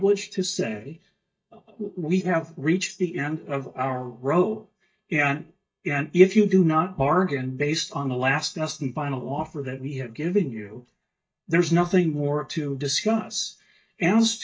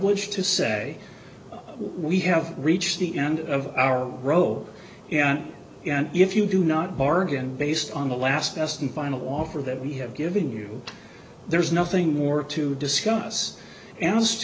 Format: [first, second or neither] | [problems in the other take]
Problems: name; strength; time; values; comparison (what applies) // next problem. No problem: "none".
second | noise reduction (neural mask model DeepFilterNet 3)